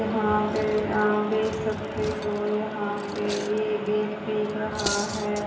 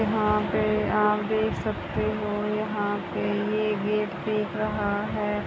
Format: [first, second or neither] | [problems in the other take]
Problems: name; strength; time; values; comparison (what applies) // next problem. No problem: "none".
second | background sound (Cutlery, silverware); 15 dB below the speech // room echo; dies away in 1 s